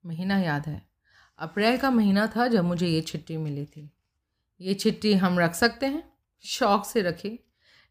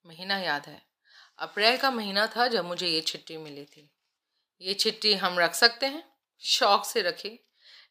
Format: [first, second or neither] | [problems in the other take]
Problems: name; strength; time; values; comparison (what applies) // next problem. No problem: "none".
first | thin; somewhat; fading below 500 Hz